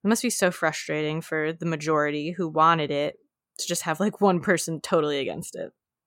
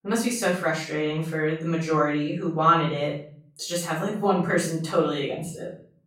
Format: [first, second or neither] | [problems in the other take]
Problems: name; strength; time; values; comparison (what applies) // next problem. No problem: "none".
first | off-mic speech; far // room echo; noticeable; dies away in 0.5 s